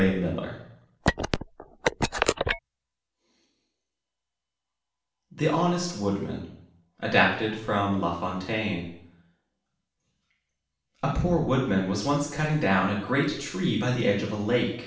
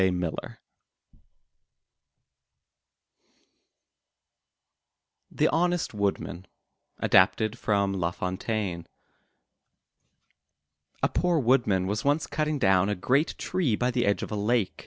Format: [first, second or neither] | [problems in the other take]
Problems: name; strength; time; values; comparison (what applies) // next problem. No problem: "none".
second | background sound (Telephone); 1 dB above the speech // room echo; dies away in 0.7 s